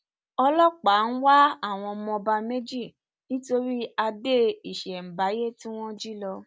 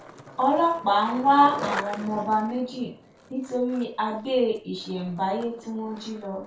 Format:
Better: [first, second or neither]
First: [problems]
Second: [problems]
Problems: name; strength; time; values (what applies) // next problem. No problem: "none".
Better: first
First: none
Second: background sound (Skateboard); 14 dB below the speech // room echo; dies away in 0.3 s